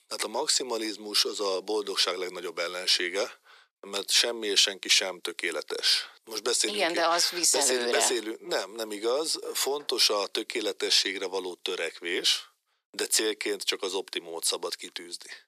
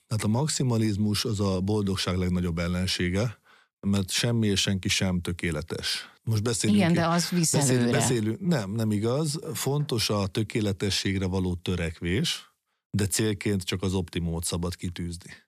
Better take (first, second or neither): second